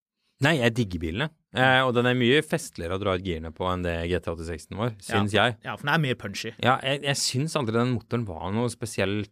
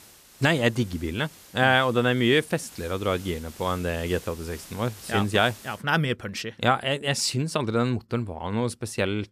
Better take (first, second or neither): first